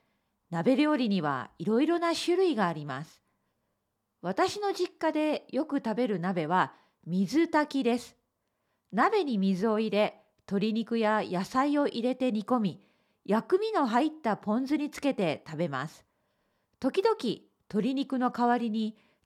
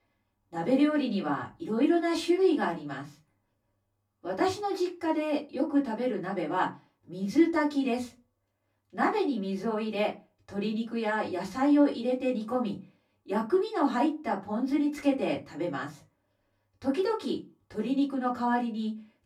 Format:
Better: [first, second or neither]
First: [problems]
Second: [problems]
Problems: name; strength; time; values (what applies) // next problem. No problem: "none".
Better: first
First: none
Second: off-mic speech; far // room echo; very slight; dies away in 0.2 s